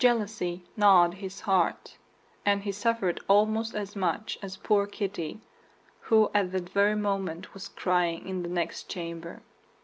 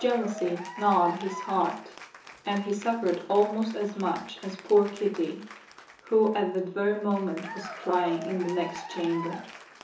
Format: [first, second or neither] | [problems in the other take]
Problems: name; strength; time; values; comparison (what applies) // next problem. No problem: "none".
first | background sound (Applause / Cheering); 15 dB below the speech // room echo; dies away in 0.8 s